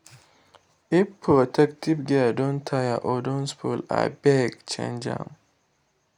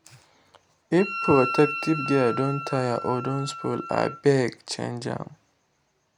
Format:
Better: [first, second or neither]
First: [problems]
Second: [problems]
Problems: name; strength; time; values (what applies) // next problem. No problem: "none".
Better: first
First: none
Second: background sound (Wind instrument, woodwind instrument); 7 dB below the speech